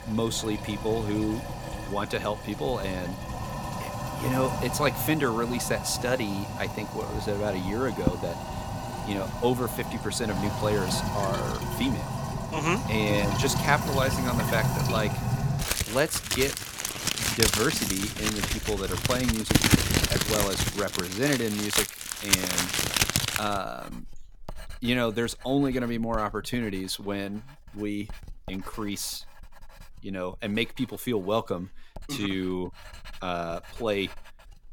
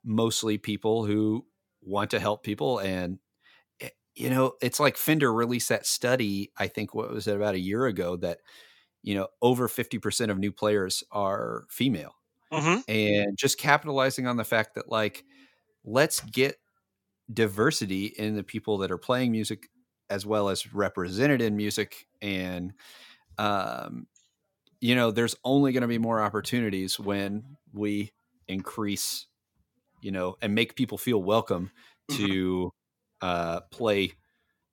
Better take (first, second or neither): second